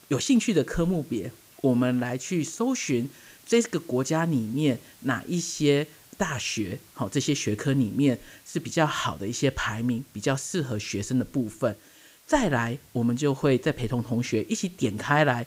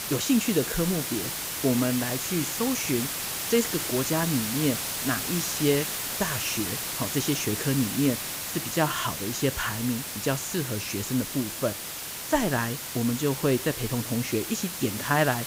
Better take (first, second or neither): first